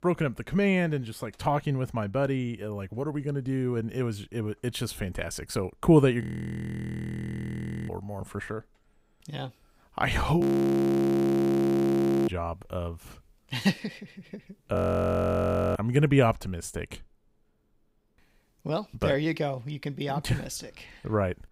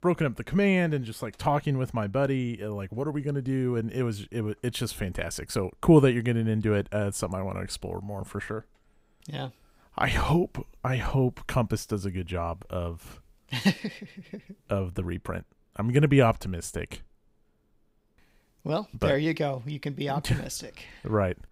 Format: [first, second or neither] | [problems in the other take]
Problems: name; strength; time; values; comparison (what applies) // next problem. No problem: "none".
second | audio freezing; at 6 s for 1.5 s, at 10 s for 2 s and at 15 s for 1 s